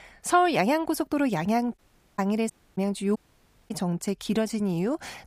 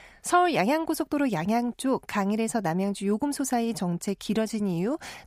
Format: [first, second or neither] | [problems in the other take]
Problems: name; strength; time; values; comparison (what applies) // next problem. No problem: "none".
second | audio cutting out; at 2 s, at 2.5 s and at 3 s for 0.5 s